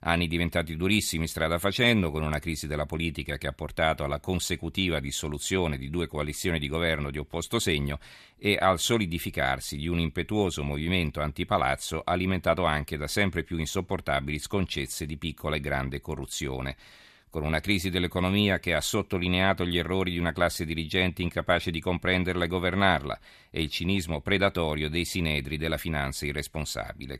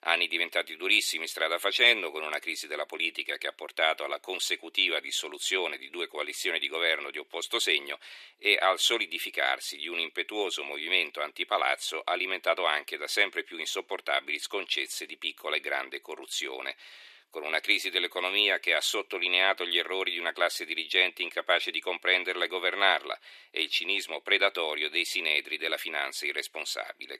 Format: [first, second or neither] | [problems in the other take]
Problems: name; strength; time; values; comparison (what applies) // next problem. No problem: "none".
first | thin; very; fading below 350 Hz